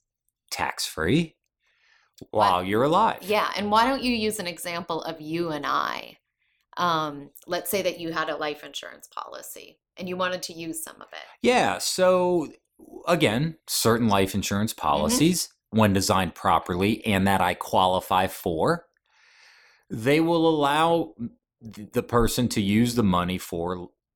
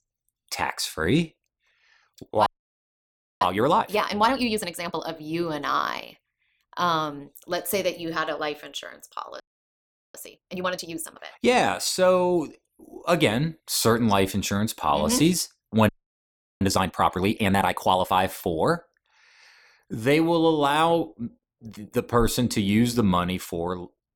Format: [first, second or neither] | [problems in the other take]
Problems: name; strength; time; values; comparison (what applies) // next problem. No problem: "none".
first | audio freezing; at 2.5 s for 1 s, at 9.5 s for 0.5 s and at 16 s for 0.5 s